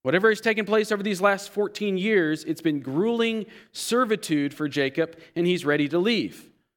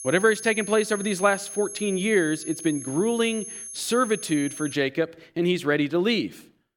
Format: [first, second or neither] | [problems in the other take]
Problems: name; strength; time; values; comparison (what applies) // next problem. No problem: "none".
first | high-pitched whine; noticeable; until 4.5 s; 11 kHz, 10 dB below the speech